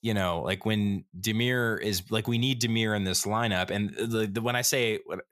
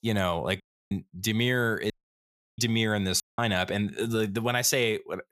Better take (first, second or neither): first